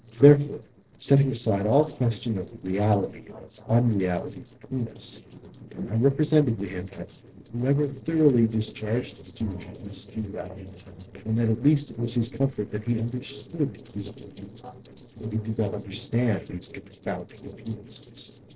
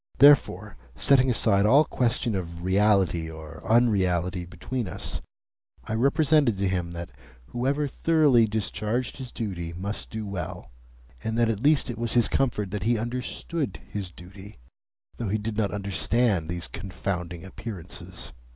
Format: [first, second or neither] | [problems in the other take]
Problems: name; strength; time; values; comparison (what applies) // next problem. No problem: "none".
second | noise reduction (neural separator model SepFormer DNS4)